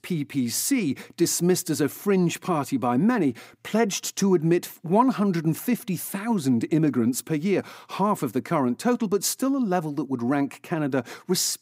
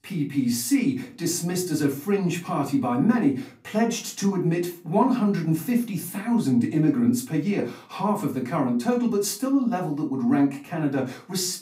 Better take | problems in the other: first | off-mic speech; far // room echo; very slight; dies away in 0.3 s

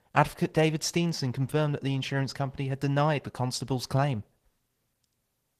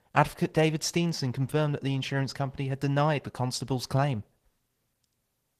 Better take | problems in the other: neither | garbled, watery; slightly; nothing above 14.5 kHz; the same in both

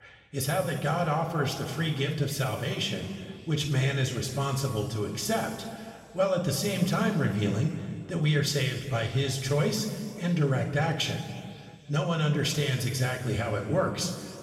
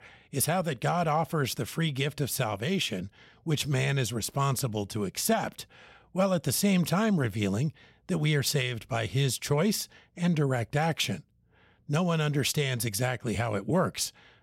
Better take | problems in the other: second | room echo; noticeable; dies away in 2.1 s // off-mic speech; somewhat distant

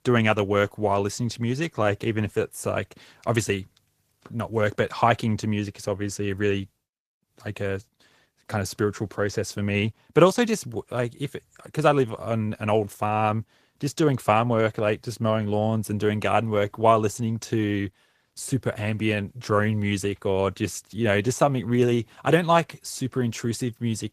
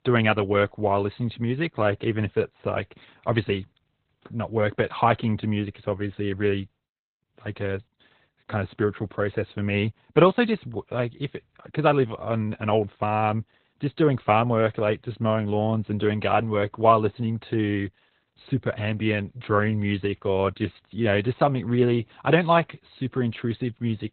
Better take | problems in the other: first | garbled, watery; badly; nothing above 4 kHz; slightly in the first

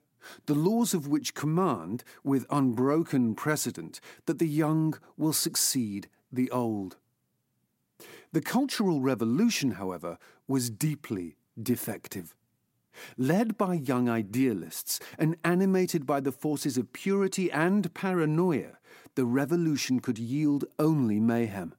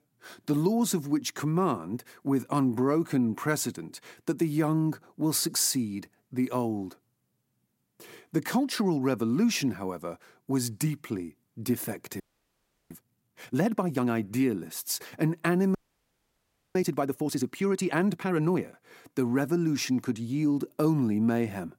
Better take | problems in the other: first | audio freezing; at 12 s for 0.5 s and at 16 s for 1 s

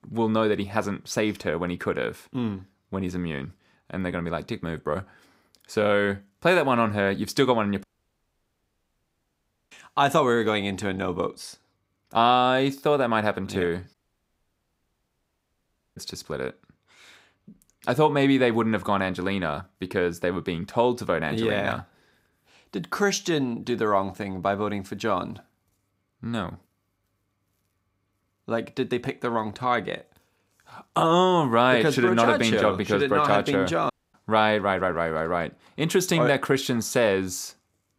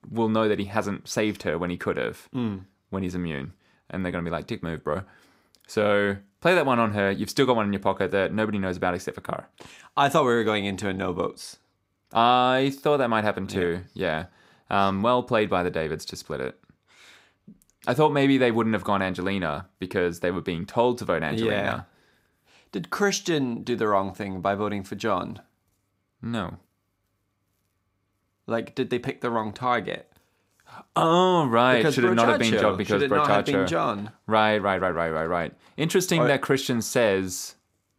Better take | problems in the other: second | audio cutting out; at 8 s for 2 s, at 14 s for 2 s and at 34 s

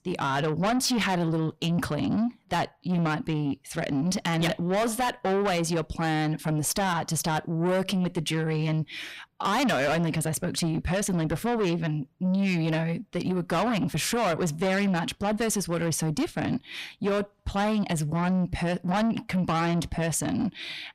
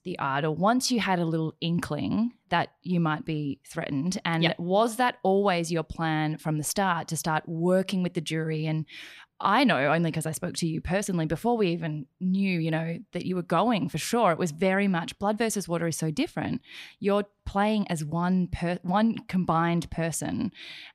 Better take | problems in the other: second | distortion; heavy; 8 dB below the speech

